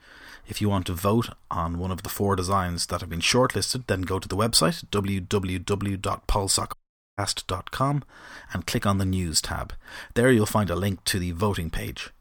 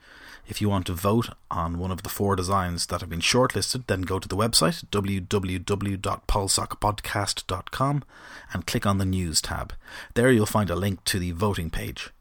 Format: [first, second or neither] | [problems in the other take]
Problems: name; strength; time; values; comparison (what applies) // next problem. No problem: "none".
second | audio cutting out; at 6.5 s